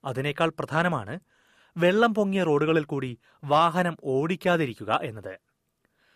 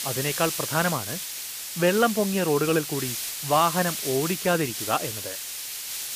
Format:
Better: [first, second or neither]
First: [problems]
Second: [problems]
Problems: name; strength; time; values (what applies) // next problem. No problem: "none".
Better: first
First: none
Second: hiss; loud; throughout; 5 dB below the speech